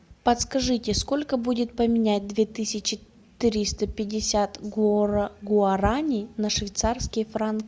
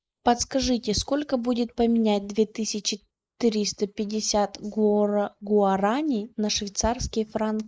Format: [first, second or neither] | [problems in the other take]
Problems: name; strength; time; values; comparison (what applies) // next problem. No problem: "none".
first | noise reduction (neural mask model Resemble Enhance denoiser)